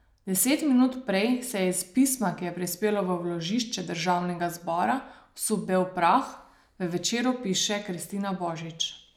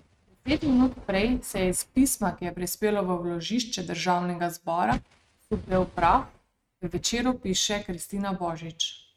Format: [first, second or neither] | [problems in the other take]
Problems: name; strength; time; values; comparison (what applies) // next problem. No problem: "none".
first | noise reduction (neural mask model RNNoise)